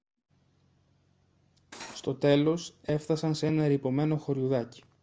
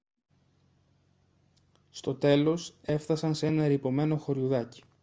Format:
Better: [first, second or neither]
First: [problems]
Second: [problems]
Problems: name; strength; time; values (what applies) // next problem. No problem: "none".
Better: second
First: background sound (Cutlery, silverware); 15 dB below the speech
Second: none